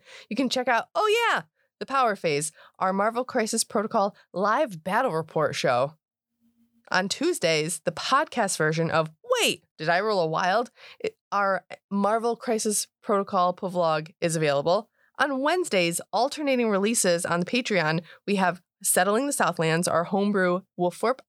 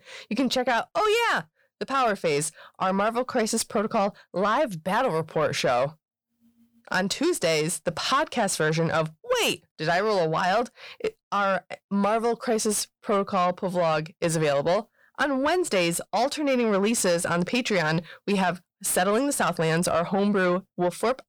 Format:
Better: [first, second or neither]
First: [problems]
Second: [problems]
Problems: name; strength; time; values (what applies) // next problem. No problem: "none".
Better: first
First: none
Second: distortion; slight; 10 dB below the speech